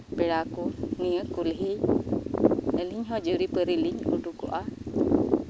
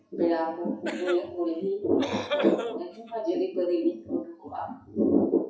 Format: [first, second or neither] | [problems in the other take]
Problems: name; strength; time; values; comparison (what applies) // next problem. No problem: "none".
first | noise reduction (classical method WPE with log-MMSE)